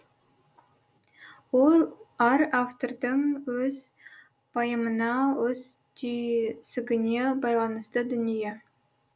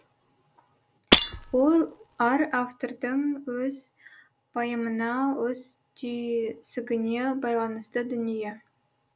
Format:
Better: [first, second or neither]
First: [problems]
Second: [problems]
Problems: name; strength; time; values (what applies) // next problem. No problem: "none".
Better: first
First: none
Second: background sound (Shatter); 1 dB above the speech